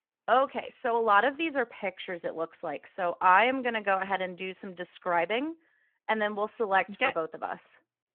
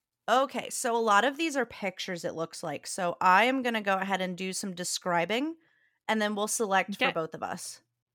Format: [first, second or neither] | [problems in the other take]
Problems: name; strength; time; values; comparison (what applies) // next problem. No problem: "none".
second | phone-call audio